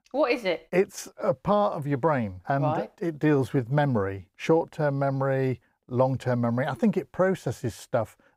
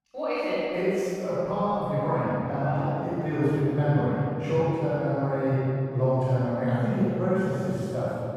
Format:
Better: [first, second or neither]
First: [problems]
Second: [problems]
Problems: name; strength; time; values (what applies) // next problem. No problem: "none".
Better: first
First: none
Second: room echo; strong; dies away in 3 s // off-mic speech; far